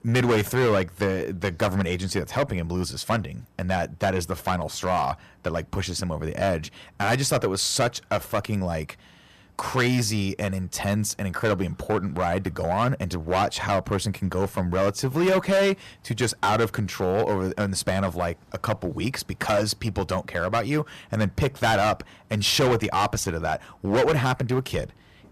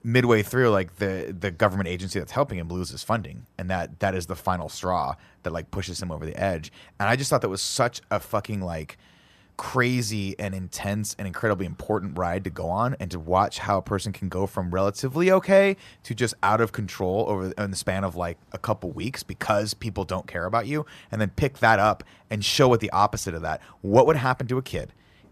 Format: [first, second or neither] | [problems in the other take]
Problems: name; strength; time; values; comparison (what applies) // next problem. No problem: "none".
second | distortion; heavy; 7% of the sound clipped